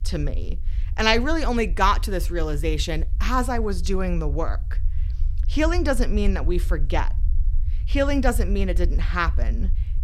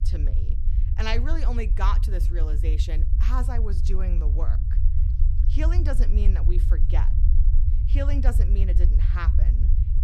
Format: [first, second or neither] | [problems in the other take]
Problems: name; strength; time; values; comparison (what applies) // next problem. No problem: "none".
first | low rumble; loud; throughout; 8 dB below the speech; faint in the first